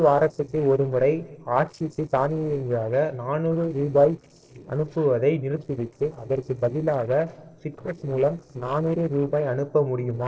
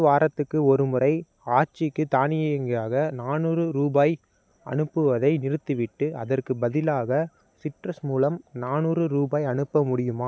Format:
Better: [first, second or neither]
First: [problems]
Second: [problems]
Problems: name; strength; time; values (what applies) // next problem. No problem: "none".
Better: second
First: noise reduction (neural separator model SepFormer DNS4)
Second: none